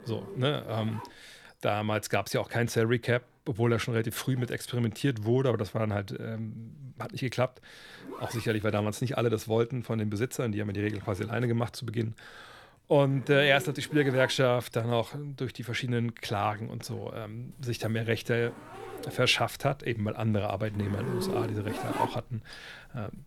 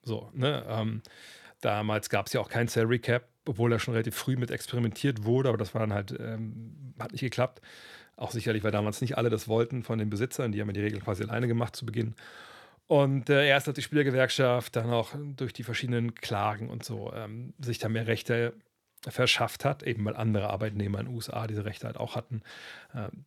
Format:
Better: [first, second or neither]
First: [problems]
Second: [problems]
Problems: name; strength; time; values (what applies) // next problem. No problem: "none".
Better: second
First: household noises; noticeable; throughout; 10 dB below the speech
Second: none